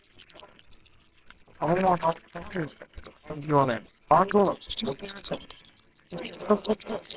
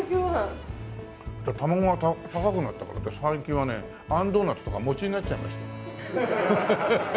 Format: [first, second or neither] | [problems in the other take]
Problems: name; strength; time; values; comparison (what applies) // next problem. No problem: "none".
second | noise reduction (neural separator model SepFormer WHAMR!)